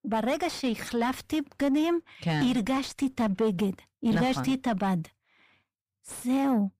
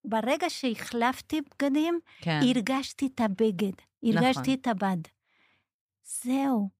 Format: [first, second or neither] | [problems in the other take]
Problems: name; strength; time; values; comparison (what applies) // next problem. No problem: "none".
second | distortion; slight; 10 dB below the speech